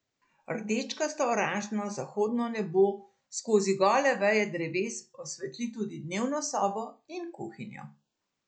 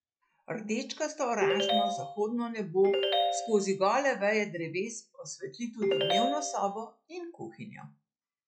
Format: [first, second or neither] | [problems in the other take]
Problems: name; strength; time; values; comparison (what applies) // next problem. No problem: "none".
first | noise reduction (classical method log-MMSE)